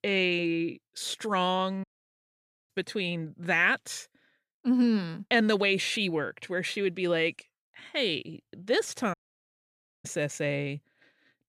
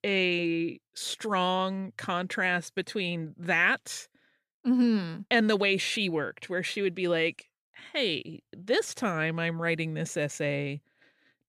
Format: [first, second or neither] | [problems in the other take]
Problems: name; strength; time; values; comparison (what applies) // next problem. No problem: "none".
second | audio cutting out; at 2 s for 1 s and at 9 s for 1 s